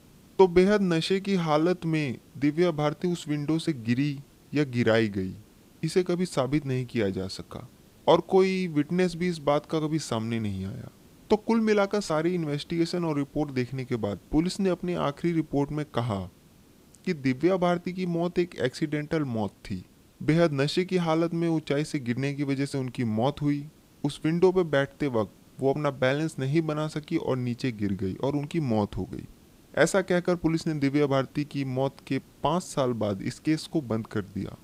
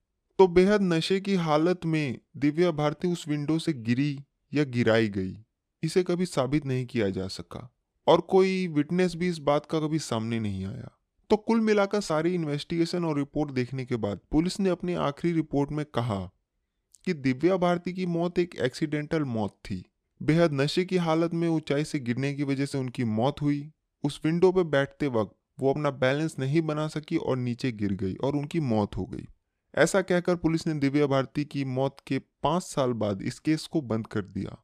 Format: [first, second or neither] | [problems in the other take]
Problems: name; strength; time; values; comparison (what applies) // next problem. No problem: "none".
second | hiss; faint; throughout; 30 dB below the speech